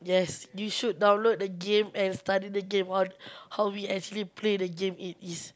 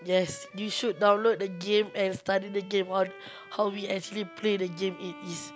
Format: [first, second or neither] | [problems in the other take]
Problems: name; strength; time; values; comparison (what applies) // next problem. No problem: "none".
first | background sound (Bowed string instrument); 20 dB below the speech